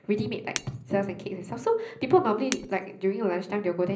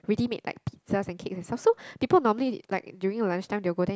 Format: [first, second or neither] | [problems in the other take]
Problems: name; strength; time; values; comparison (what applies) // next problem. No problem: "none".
second | background sound (Shatter); 15 dB below the speech // room echo; dies away in 0.5 s